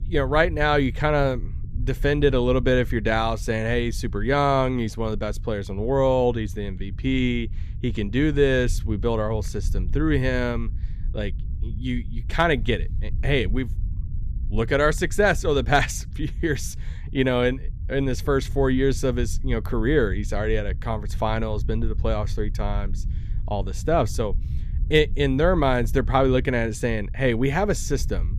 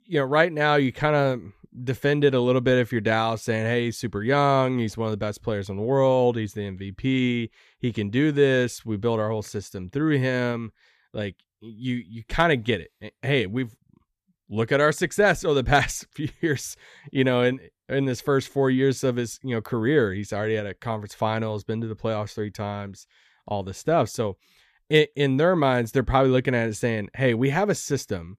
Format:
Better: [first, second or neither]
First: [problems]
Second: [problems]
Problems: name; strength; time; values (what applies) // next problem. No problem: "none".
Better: second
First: low rumble; faint; throughout; 25 dB below the speech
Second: none